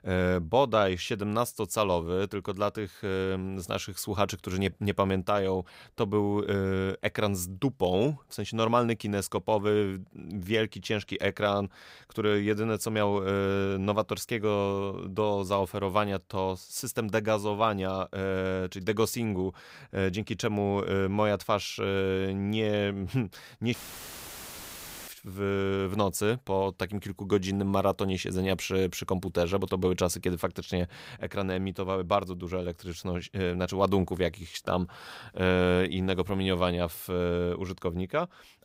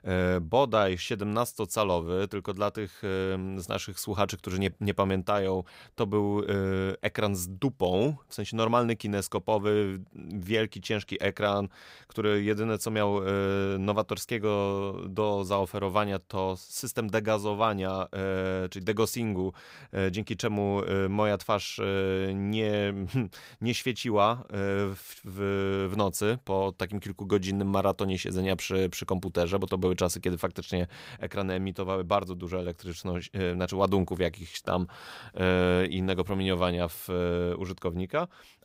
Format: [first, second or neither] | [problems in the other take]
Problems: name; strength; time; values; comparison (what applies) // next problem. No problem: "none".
second | audio cutting out; filled with static; at 24 s for 1.5 s